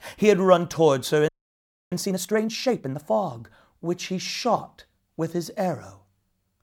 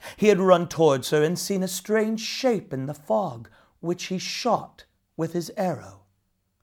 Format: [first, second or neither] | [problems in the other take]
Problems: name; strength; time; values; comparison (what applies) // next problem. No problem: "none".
second | audio freezing; at 1.5 s for 0.5 s